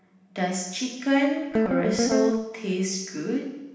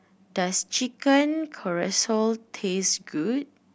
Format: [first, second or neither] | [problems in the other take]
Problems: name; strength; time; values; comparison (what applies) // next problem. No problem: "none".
second | background sound (Guitar); 2 dB above the speech // room echo; dies away in 0.9 s